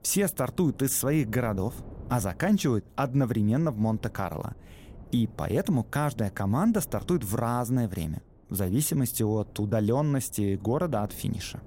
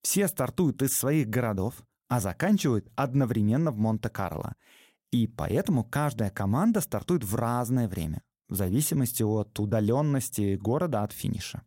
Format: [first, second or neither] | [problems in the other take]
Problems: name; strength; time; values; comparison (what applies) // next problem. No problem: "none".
second | wind noise on the microphone; occasional gusts; 25 dB below the speech